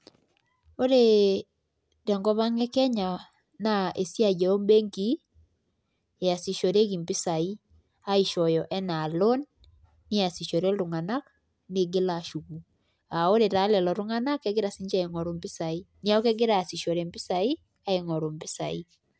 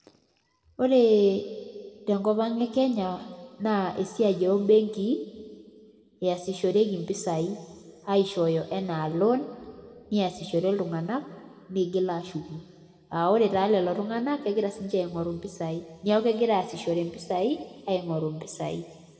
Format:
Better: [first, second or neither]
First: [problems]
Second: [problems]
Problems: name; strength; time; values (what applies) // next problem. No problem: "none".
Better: first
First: none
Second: room echo; dies away in 2.1 s